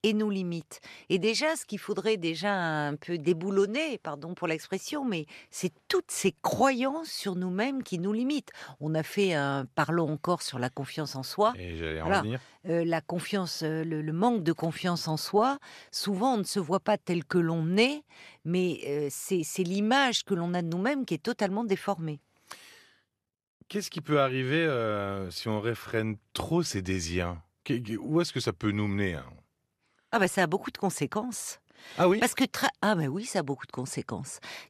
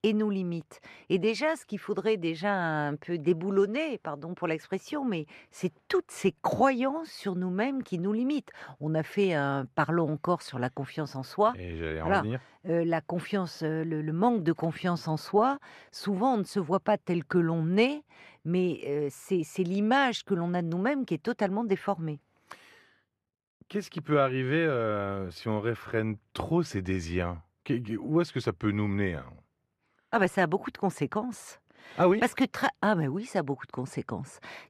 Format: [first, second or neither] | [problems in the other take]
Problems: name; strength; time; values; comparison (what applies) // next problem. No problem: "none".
first | muffled; slightly; fading above 3 kHz